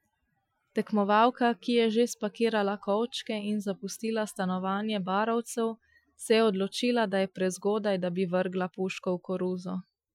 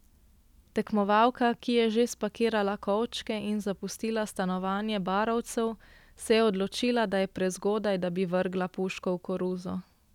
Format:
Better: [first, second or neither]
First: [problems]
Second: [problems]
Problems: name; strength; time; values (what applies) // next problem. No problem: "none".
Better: second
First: noise reduction (classical method Wiener filter)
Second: none